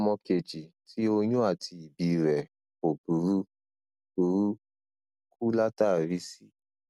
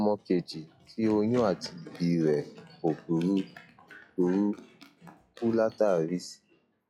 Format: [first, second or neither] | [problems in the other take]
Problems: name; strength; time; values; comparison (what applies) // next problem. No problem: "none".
first | noise reduction (classical method log-MMSE)